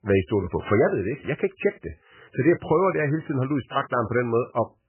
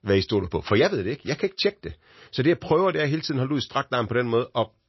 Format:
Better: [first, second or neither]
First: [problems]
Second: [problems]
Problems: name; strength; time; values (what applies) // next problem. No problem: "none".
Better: second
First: garbled, watery; badly; nothing above 2.5 kHz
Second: garbled, watery; slightly; nothing above 5.5 kHz